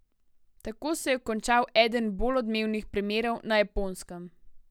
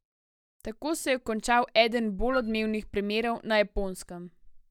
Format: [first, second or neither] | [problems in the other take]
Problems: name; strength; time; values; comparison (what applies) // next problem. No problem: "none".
first | noise reduction (neural mask model DeepFilterNet 3)